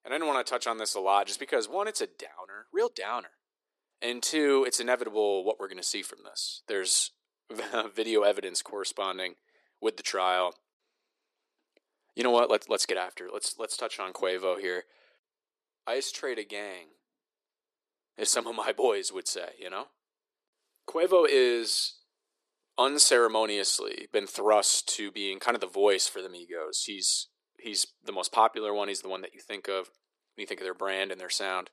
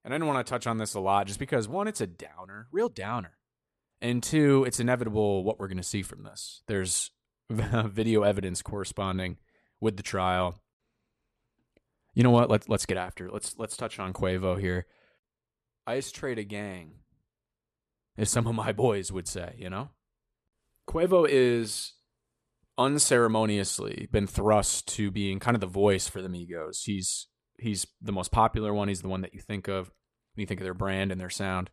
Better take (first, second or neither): second